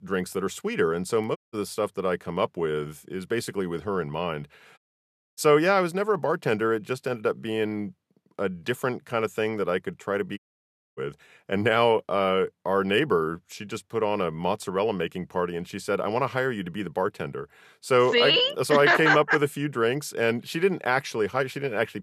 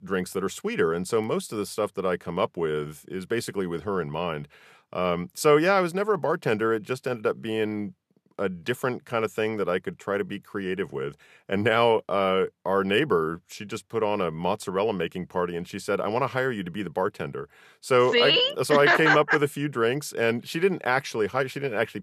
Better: second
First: audio cutting out; at 1.5 s, at 5 s for 0.5 s and at 10 s for 0.5 s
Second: none

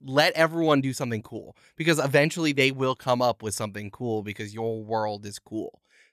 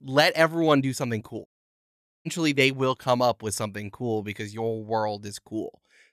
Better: first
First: none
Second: audio cutting out; at 1.5 s for 1 s

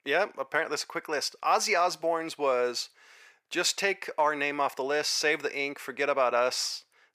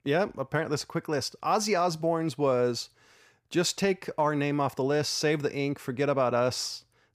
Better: second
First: thin; somewhat; fading below 500 Hz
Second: none

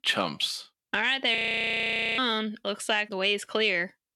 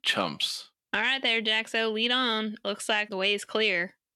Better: second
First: audio freezing; at 1.5 s for 1 s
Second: none

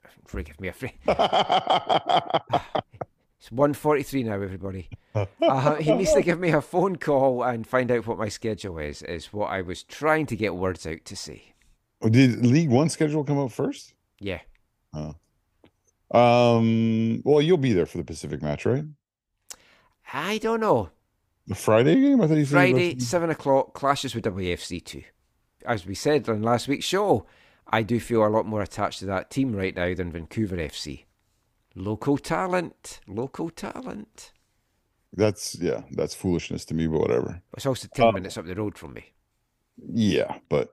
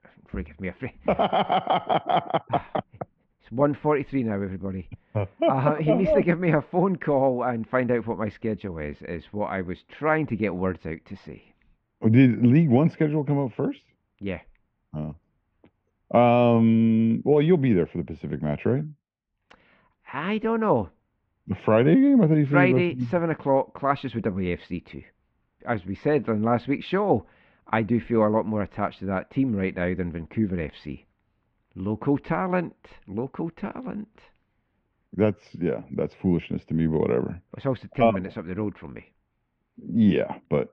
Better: first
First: none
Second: muffled; very; fading above 3 kHz

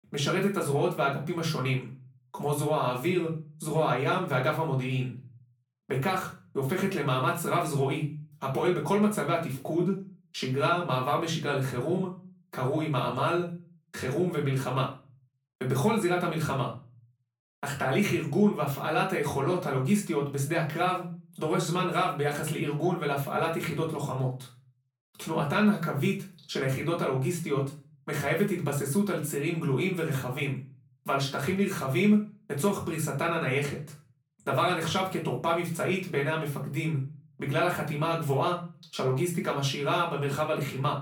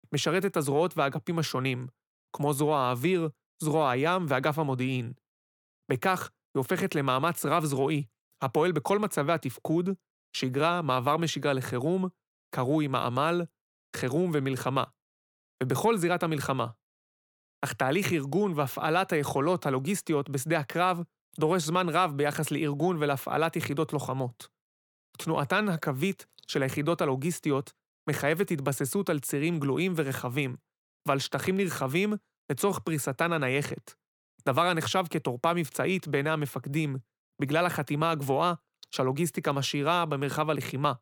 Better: second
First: room echo; slight; dies away in 0.3 s // off-mic speech; far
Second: none

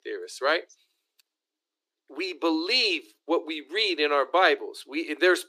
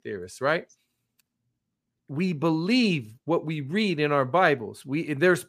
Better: second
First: thin; very; fading below 300 Hz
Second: none

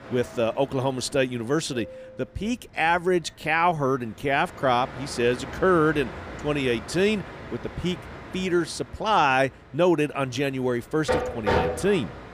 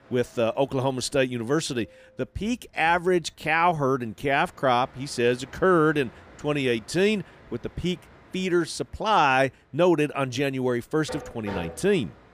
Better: second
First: train or aircraft noise; loud; throughout; 9 dB below the speech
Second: train or aircraft noise; faint; throughout; 20 dB below the speech

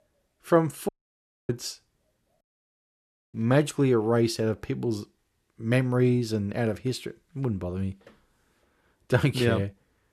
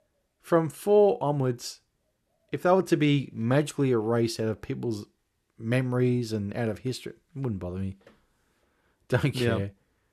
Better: second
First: audio cutting out; at 1 s for 0.5 s and at 2.5 s for 1 s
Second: none

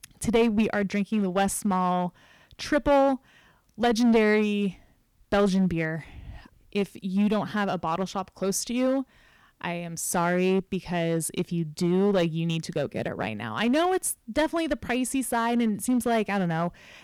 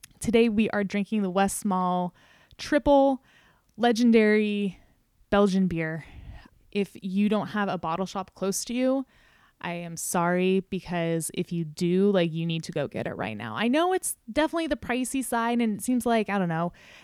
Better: second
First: distortion; slight; 5% of the sound clipped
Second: none

